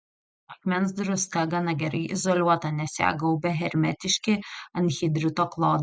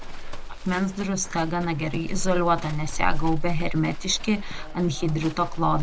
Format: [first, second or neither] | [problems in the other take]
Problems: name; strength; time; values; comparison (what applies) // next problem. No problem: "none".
first | background sound (Livestock, farm animals, working animals); 1 dB below the speech